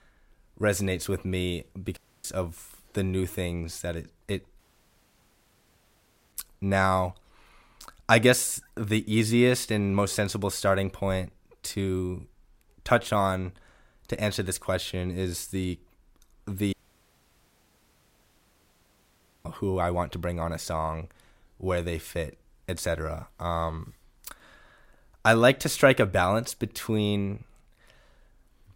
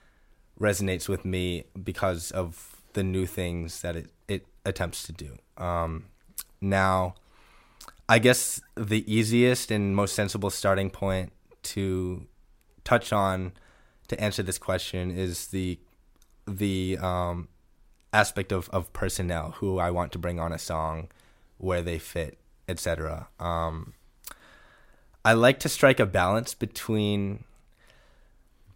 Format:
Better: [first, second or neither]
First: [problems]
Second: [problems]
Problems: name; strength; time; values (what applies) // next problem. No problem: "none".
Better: second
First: audio cutting out; at 2 s, at 4.5 s for 1.5 s and at 17 s for 2.5 s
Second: none